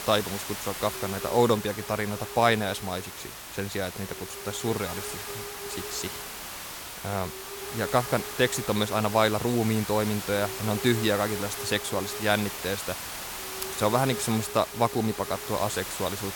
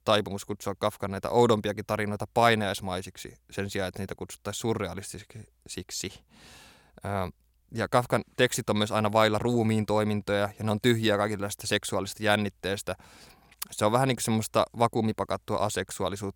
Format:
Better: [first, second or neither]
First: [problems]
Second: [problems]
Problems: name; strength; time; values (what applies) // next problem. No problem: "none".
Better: second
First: hiss; loud; throughout; 7 dB below the speech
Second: none